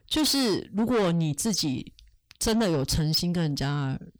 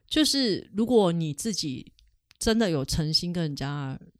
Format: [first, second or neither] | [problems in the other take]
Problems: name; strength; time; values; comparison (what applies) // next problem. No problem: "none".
second | distortion; heavy; 7 dB below the speech